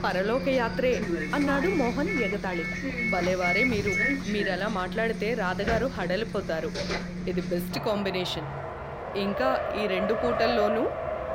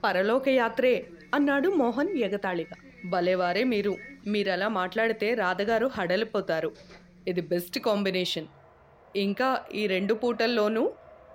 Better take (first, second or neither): second